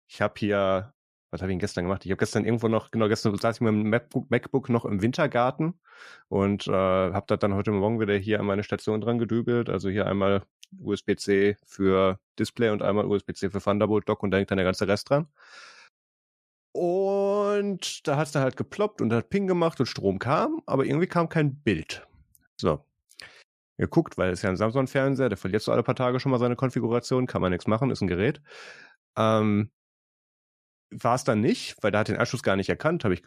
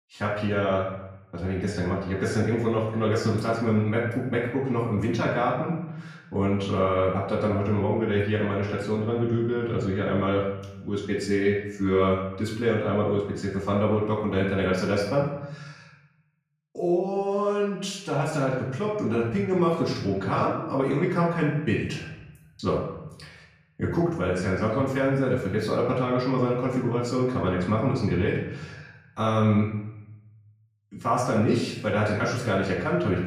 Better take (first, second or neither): first